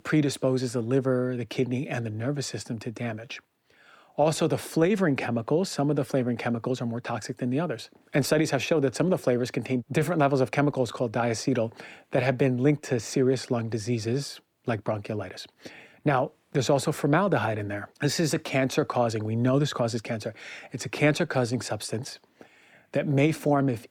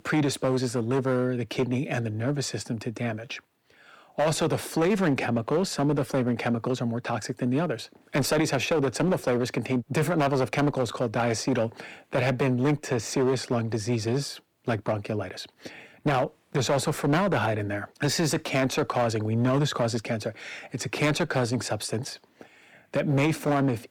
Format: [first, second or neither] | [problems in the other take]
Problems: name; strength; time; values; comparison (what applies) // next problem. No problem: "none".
first | distortion; slight; 7% of the sound clipped